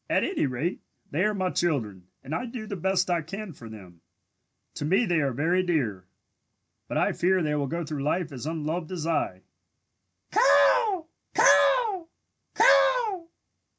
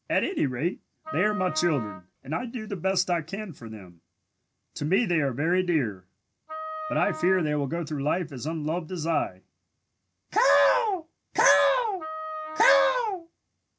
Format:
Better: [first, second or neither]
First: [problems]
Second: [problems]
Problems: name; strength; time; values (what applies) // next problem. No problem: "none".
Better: first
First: none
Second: background sound (Wind instrument, woodwind instrument); 10 dB below the speech